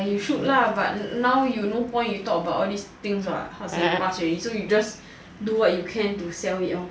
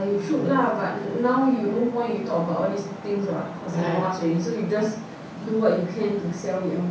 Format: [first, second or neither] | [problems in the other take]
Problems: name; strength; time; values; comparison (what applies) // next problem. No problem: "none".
first | background sound (Traffic noise, roadway noise); 15 dB below the speech // room echo; dies away in 0.6 s